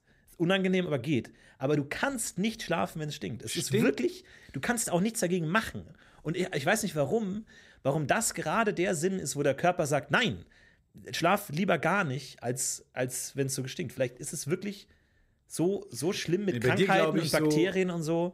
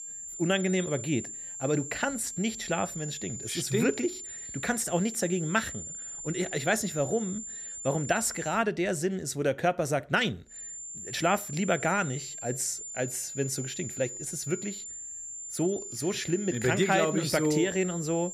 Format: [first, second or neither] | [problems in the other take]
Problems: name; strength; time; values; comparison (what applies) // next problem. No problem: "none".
first | high-pitched whine; loud; until 8.5 s and from 11 s on; 7 kHz, 8 dB below the speech